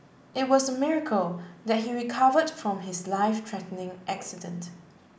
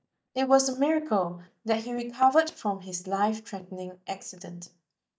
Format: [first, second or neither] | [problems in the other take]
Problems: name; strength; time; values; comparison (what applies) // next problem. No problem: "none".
first | noise reduction (neural mask model DeepFilterNet 3)